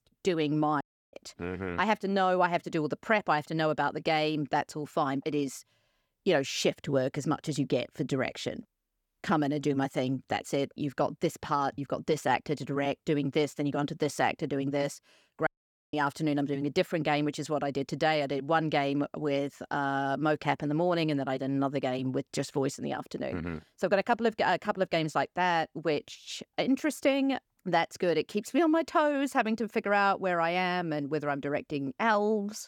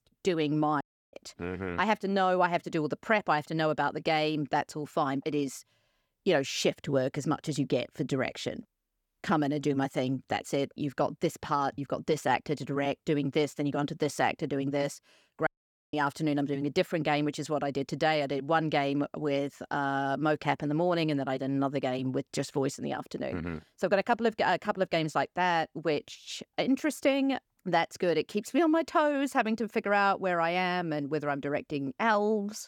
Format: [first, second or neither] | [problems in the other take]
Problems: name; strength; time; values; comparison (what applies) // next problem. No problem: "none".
neither | audio cutting out; at 1 s and at 15 s; the same in both